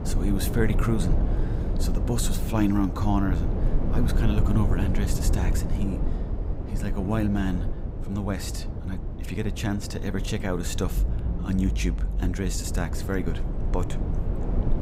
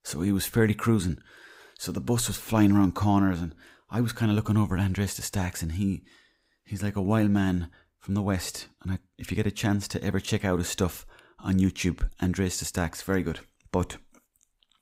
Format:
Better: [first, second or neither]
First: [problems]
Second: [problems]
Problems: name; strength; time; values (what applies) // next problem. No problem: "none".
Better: second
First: low rumble; loud; throughout; 6 dB below the speech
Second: none